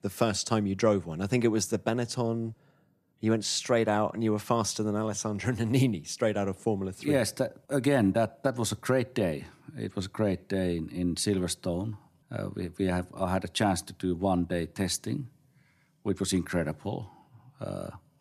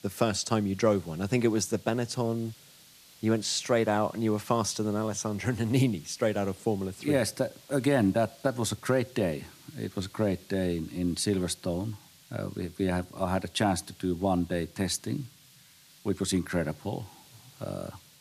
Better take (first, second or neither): first